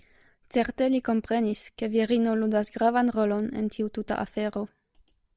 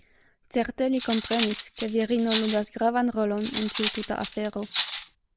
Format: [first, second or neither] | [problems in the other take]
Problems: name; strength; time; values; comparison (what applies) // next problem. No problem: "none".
first | background sound (Cutlery, silverware); 7 dB below the speech